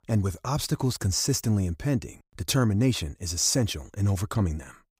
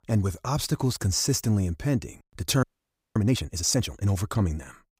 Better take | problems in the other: first | audio freezing; at 2.5 s for 0.5 s

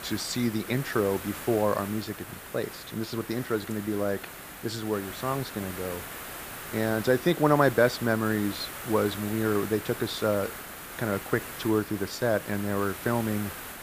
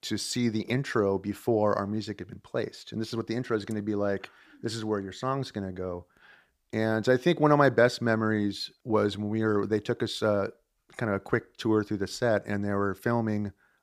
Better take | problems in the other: second | hiss; loud; throughout; 10 dB below the speech

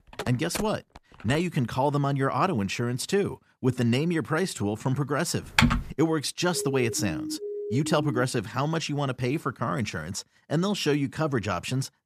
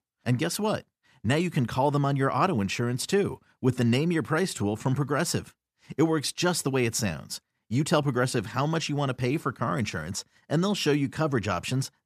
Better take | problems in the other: second | phone ringing; noticeable; until 1.5 s; peak 9 dB below the speech // keyboard typing; loud; at 5.5 s; peak 5 dB above the speech // siren; noticeable; from 6.5 to 8 s; peak 6 dB below the speech

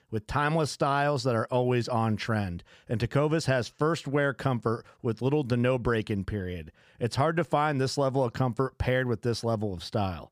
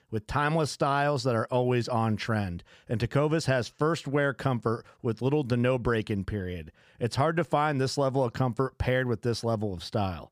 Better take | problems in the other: neither | none

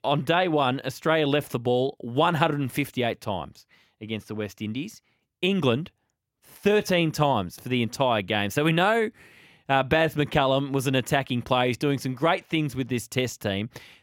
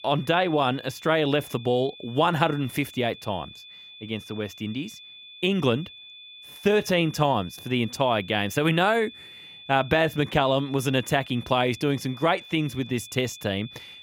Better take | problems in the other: first | high-pitched whine; noticeable; throughout; 3.5 kHz, 20 dB below the speech

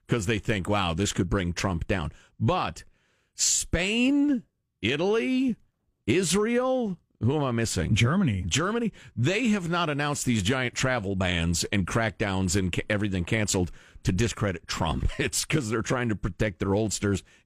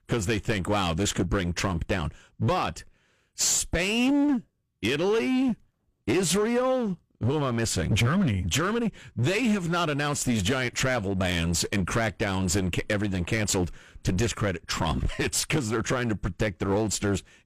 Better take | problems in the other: first | distortion; slight; 12% of the sound clipped

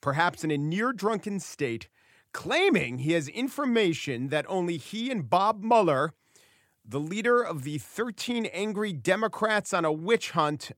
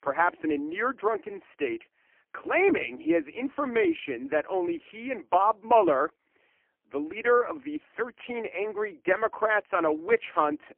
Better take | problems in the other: first | phone-call audio; poor line

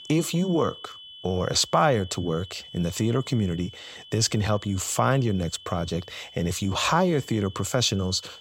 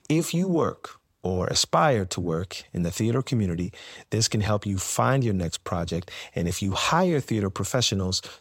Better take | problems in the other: second | high-pitched whine; noticeable; throughout; 3 kHz, 20 dB below the speech

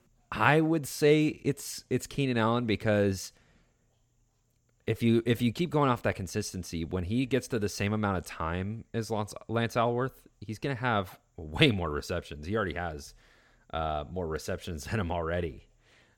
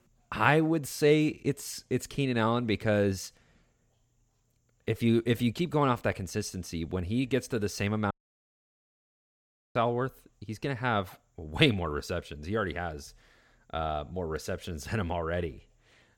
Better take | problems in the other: first | audio cutting out; at 8 s for 1.5 s

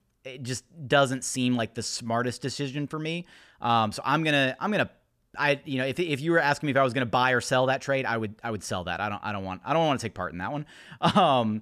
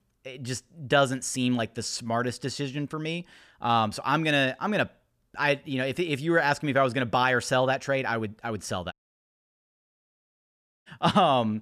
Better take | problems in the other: first | audio cutting out; at 9 s for 2 s

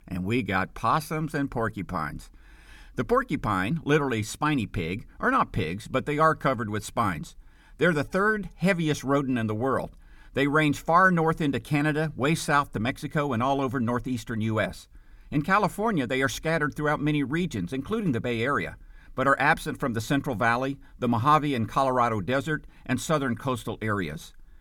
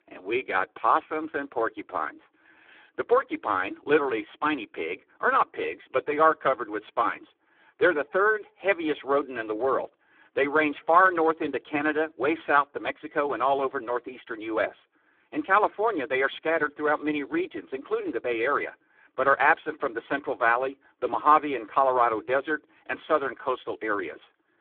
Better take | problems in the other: first | phone-call audio; poor line

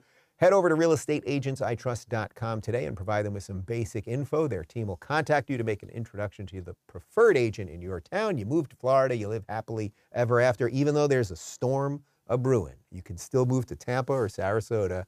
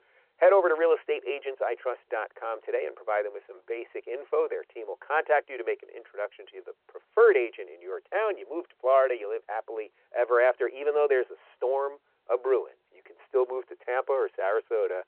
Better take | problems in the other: first | phone-call audio

